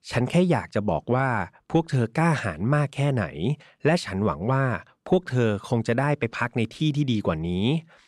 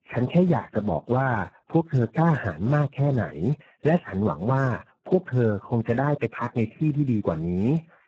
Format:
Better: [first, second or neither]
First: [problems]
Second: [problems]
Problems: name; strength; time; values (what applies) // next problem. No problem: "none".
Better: first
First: none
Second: garbled, watery; badly; nothing above 7.5 kHz